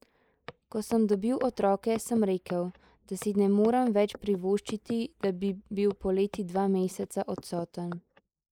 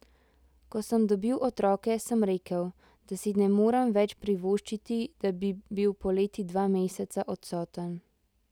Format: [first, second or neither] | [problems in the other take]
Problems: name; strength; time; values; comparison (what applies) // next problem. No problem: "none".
second | noise reduction (neural mask model Resemble Enhance denoiser)